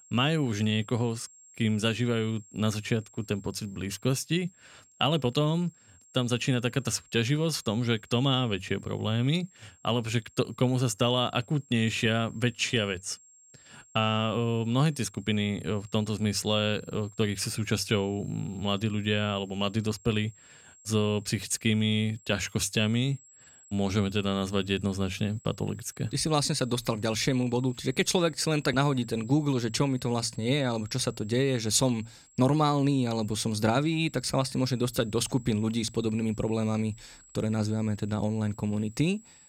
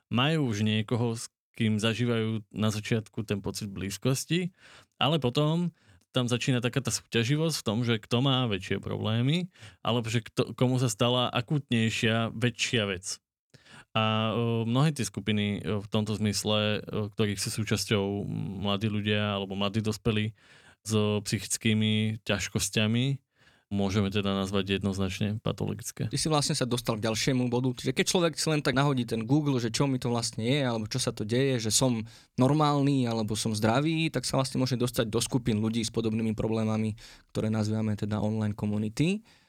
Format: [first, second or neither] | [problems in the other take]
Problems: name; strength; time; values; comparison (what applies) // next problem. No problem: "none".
second | high-pitched whine; faint; throughout; 7.5 kHz, 25 dB below the speech